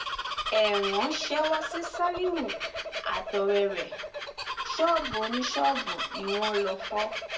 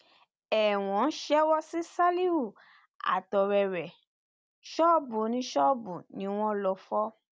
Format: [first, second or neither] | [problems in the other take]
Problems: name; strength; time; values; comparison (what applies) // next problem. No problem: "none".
second | background sound (Bird vocalization, bird call, bird song); 5 dB below the speech // room echo; dies away in 0.2 s